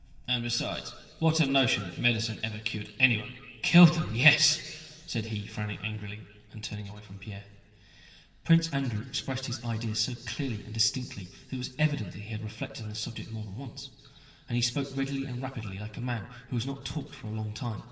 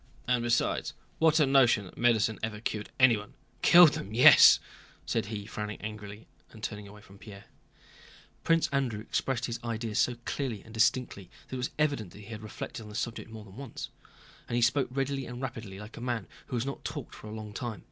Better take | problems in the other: second | room echo; dies away in 2 s

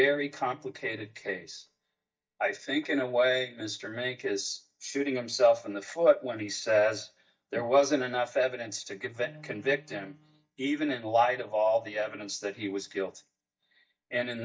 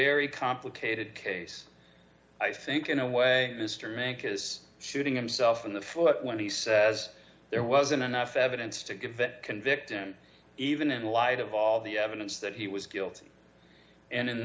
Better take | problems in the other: second | noise reduction (neural mask model DeepFilterNet 3)

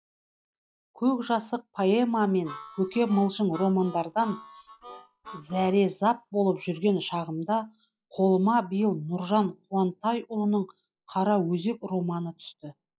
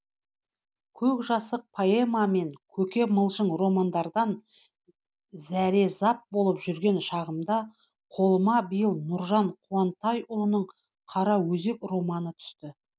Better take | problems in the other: second | noise reduction (classical method log-MMSE)

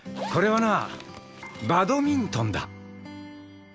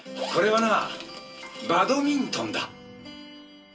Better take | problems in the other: first | room echo; dies away in 0.2 s

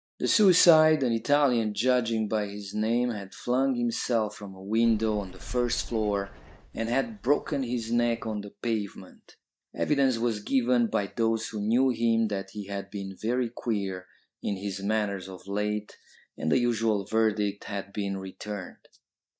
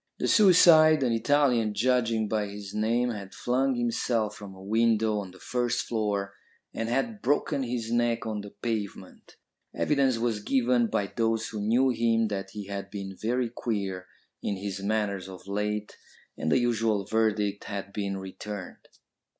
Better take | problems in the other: second | noise reduction (neural mask model DeepFilterNet 3)

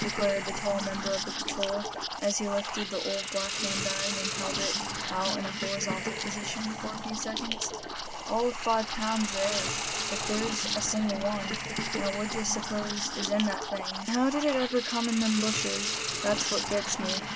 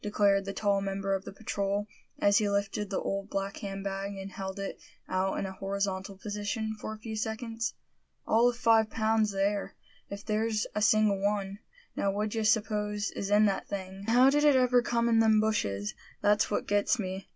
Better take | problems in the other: second | background sound (Liquid + Hiss); 1 dB below the speech

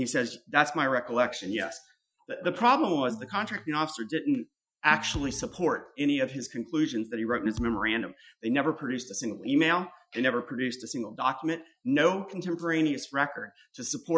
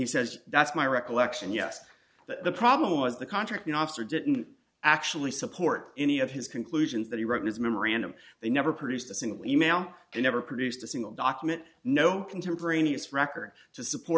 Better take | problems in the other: second | noise reduction (classical method Wiener filter)

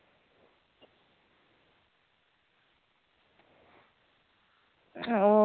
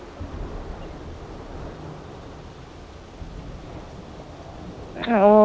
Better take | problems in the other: first | background sound (Thunder / Rain); 12 dB below the speech

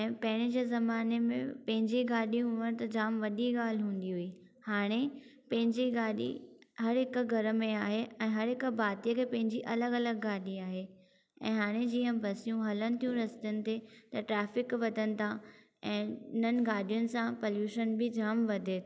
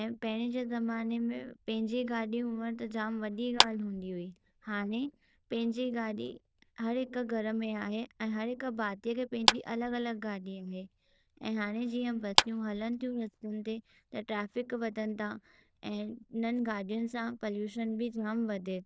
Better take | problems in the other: first | noise reduction (neural diffusion model UNIVERSE++)

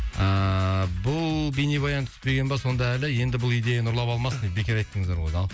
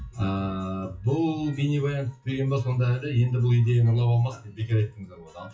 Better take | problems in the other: first | noise reduction (classical method WPE with log-MMSE)

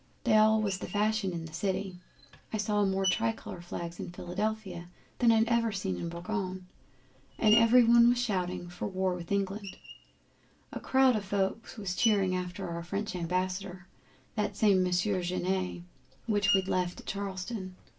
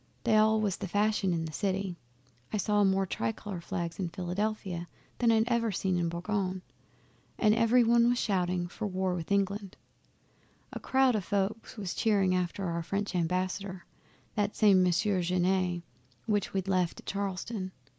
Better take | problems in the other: second | background sound (Screech); 13 dB below the speech // room echo; dies away in 0.2 s

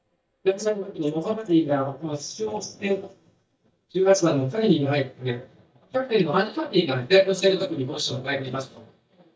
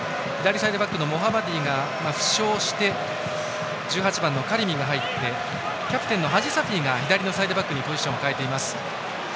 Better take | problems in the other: second | noise reduction (neural mask model DeepFilterNet 3)

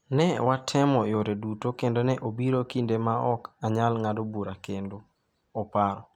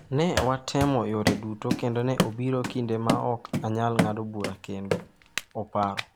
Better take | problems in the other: first | background sound (Run); 3 dB below the speech

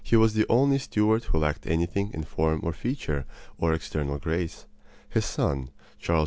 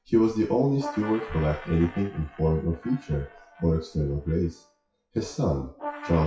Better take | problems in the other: first | noise reduction (classical method WPE with log-MMSE)

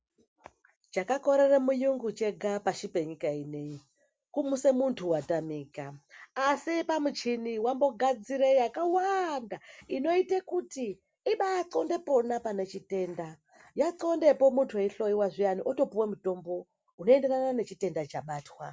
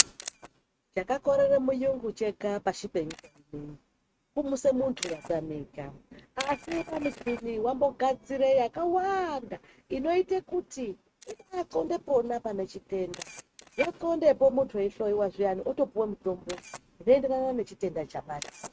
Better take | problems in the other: first | noise reduction (neural mask model RNNoise)

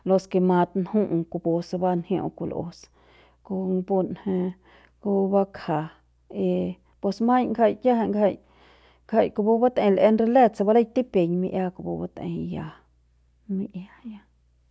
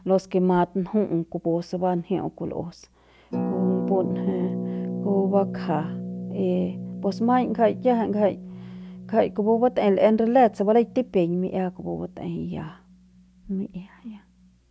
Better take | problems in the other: first | background sound (Harp); 9 dB below the speech

